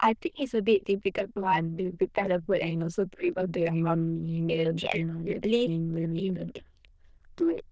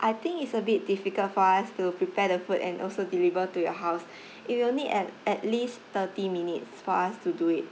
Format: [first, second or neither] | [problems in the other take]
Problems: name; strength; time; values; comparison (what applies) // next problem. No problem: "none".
second | noise reduction (neural diffusion model UNIVERSE++)